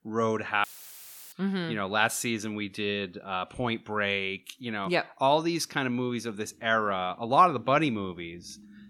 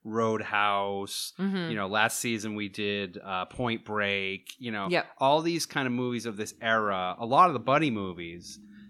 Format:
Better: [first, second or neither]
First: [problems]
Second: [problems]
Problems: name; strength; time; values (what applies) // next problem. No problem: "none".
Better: second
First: audio cutting out; filled with static; at 0.5 s for 0.5 s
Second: none